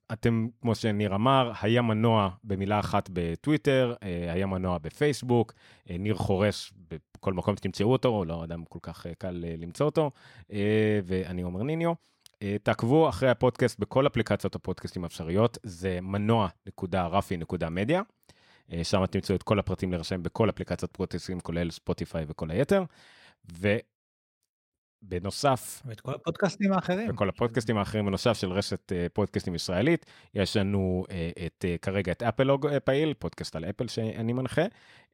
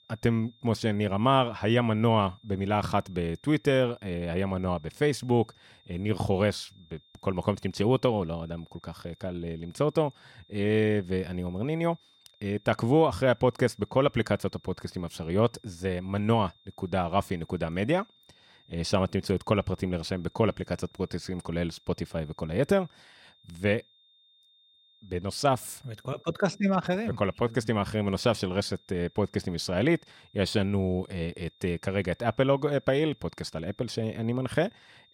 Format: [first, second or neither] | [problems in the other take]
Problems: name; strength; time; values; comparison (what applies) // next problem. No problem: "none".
first | high-pitched whine; faint; throughout; 3.5 kHz, 30 dB below the speech